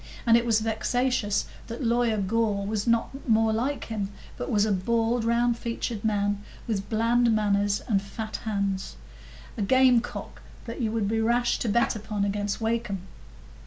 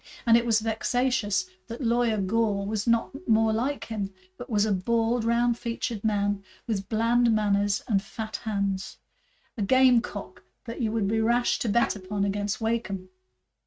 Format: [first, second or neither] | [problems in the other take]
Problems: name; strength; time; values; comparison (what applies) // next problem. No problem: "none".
first | noise reduction (neural mask model RNNoise)